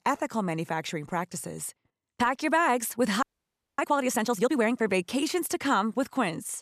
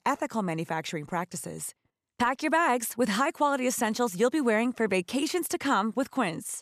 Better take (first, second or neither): second